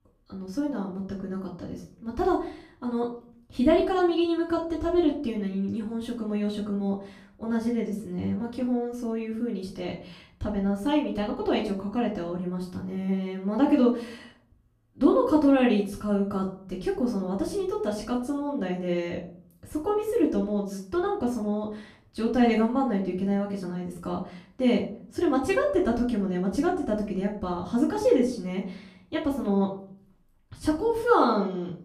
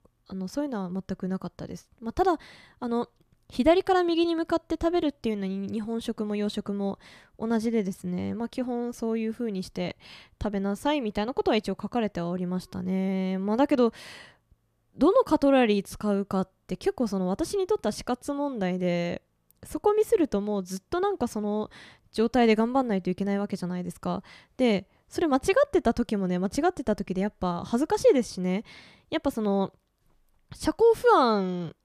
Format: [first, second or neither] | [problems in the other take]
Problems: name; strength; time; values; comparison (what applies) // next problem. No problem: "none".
second | off-mic speech; far // room echo; slight; dies away in 0.4 s